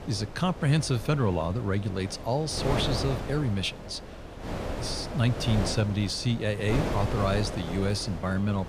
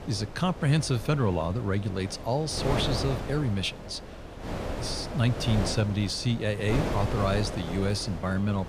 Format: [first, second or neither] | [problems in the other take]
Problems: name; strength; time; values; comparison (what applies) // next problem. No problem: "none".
neither | wind noise on the microphone; heavy; 6 dB below the speech; the same in both